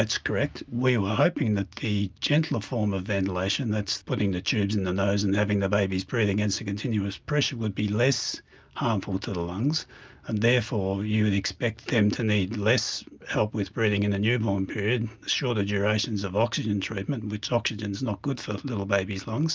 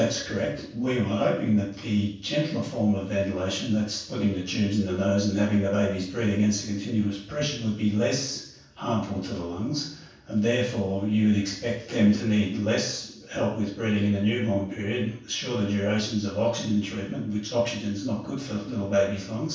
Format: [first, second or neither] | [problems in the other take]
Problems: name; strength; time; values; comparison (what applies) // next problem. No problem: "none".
first | room echo; dies away in 0.7 s